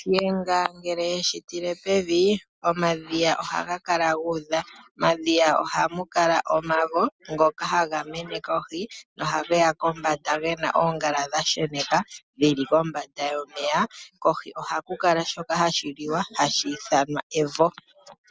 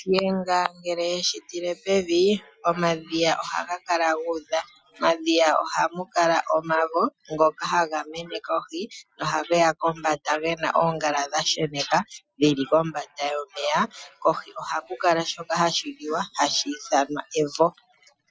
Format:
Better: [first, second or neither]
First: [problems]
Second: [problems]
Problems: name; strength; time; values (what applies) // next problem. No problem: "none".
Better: first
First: none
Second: noise reduction (classical method Wiener filter)